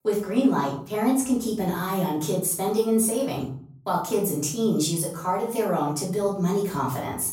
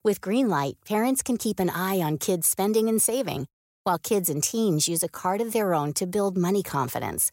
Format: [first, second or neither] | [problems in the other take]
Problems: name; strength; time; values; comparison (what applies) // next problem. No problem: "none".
second | off-mic speech; far // room echo; noticeable; dies away in 0.5 s